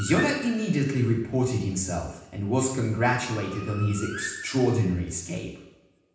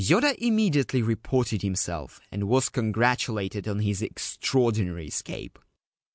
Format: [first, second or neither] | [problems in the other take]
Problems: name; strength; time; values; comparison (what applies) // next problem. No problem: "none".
second | background sound (Bird); 16 dB below the speech // room echo; dies away in 0.9 s